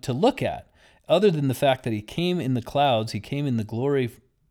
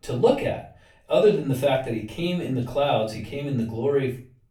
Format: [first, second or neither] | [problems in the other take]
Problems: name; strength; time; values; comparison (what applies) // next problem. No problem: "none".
first | room echo; slight; dies away in 0.3 s // off-mic speech; far